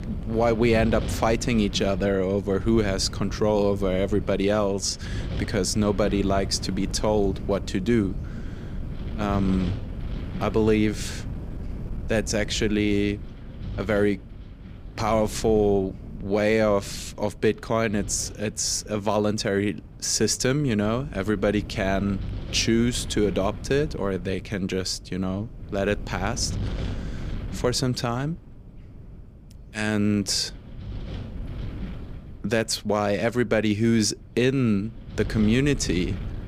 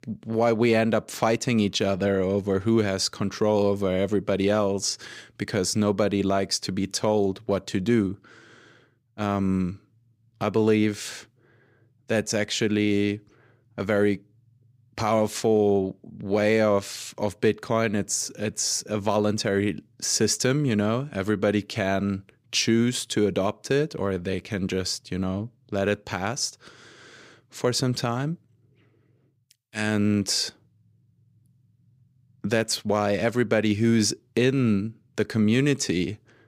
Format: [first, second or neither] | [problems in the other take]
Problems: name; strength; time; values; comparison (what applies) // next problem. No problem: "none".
second | wind noise on the microphone; occasional gusts; 20 dB below the speech